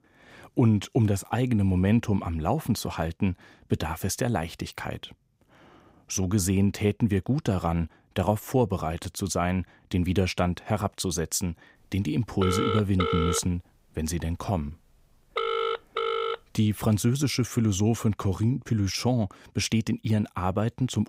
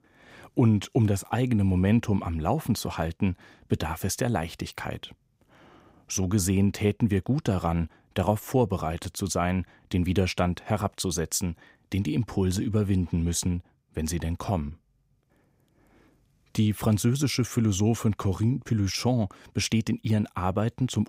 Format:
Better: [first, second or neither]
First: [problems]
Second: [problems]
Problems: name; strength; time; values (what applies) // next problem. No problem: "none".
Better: second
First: phone ringing; noticeable; from 12 to 16 s; peak level with the speech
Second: none